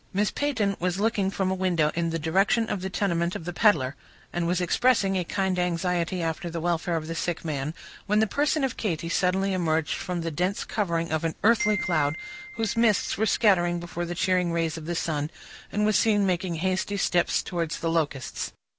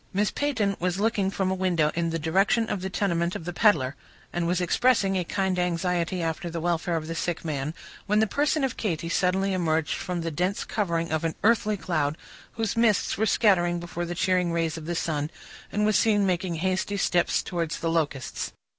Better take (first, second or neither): second